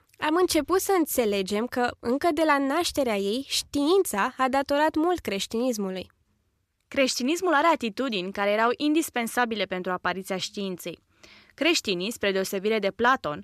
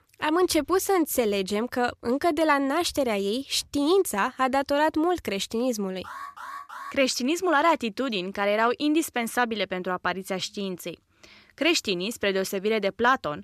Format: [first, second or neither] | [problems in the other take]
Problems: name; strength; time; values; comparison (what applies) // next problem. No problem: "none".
first | alarm; faint; at 6 s; peak 15 dB below the speech